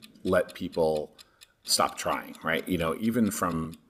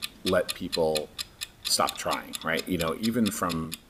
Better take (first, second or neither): first